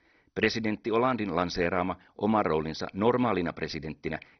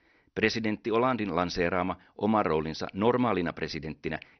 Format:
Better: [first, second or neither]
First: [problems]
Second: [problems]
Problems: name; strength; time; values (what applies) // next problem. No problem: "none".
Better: second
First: garbled, watery; badly; nothing above 6 kHz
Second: garbled, watery; slightly; nothing above 6 kHz